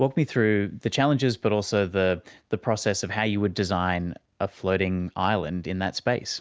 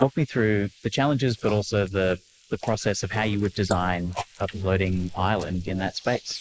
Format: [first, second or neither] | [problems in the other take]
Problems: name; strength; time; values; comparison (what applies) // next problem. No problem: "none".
first | noise reduction (neural mask model Resemble Enhance denoiser)